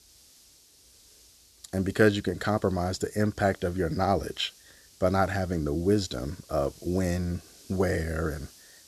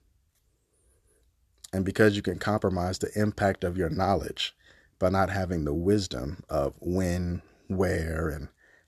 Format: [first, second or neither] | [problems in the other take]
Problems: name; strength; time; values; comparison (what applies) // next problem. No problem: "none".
second | hiss; faint; throughout; 25 dB below the speech